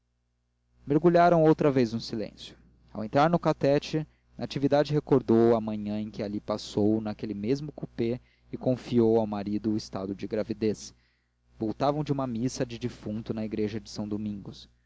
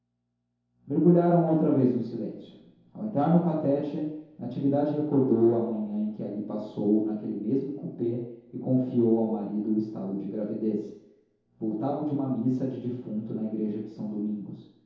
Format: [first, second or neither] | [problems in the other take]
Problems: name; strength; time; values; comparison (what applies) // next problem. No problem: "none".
first | room echo; dies away in 0.8 s